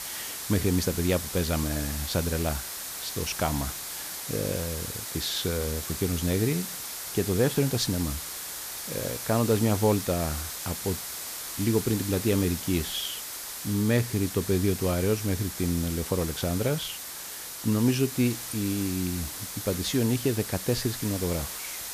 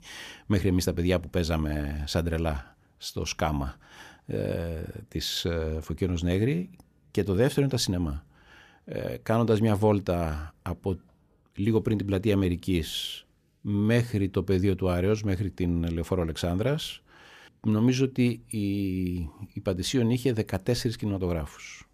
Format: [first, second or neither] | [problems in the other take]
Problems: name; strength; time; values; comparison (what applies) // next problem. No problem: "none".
second | hiss; loud; throughout; 5 dB below the speech